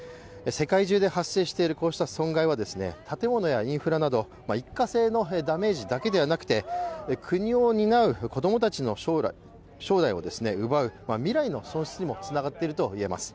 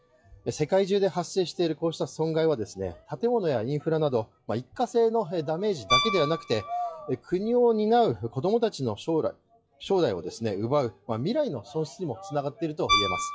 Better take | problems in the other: first | noise reduction (classical method WPE with log-MMSE)

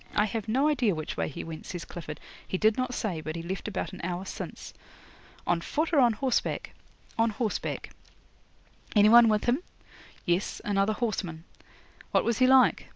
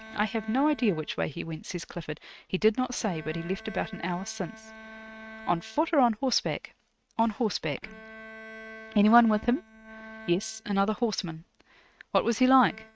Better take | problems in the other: first | noise reduction (neural mask model RNNoise)

